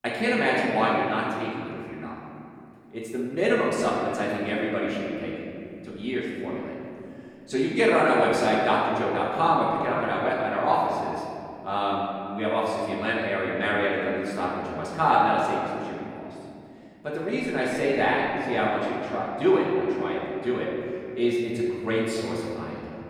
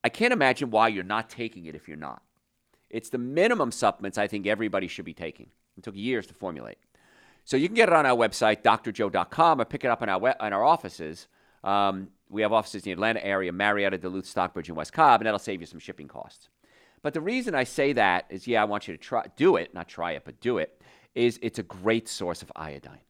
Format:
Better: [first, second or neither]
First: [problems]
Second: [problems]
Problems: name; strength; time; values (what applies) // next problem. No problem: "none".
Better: second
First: room echo; noticeable; dies away in 2.7 s // off-mic speech; far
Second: none